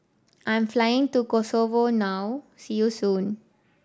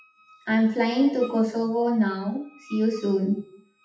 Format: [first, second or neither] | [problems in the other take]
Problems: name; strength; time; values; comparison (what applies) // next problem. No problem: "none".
first | noise reduction (classical method WPE with log-MMSE)